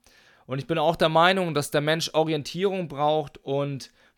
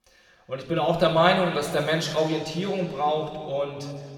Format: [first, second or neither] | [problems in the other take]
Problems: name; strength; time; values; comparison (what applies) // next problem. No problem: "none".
first | room echo; noticeable; dies away in 2 s // off-mic speech; somewhat distant